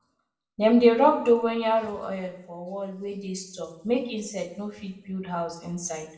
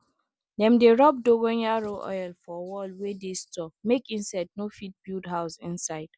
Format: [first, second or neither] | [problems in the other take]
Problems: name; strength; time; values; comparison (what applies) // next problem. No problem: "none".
second | room echo; dies away in 0.6 s